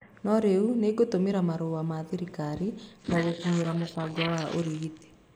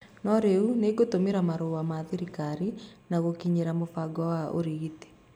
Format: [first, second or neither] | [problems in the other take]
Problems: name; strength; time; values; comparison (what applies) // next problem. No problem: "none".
second | noise reduction (neural mask model Resemble Enhance denoiser)